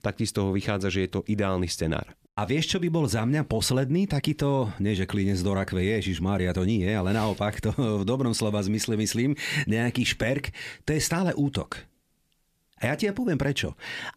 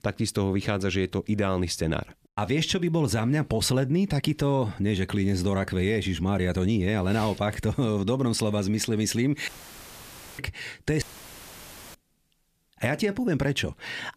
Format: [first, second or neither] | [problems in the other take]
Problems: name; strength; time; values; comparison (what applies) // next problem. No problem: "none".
first | audio cutting out; filled with static; at 9.5 s for 1 s and at 11 s for 1 s